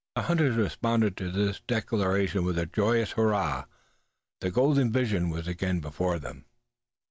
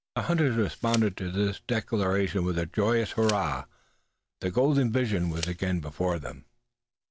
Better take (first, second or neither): first